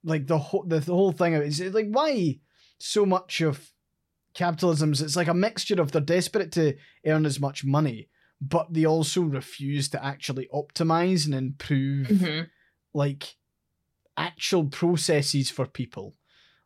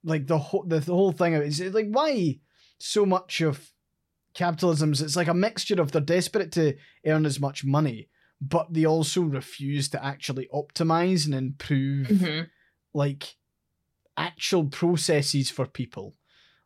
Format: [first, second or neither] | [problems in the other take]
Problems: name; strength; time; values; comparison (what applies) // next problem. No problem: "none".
neither | none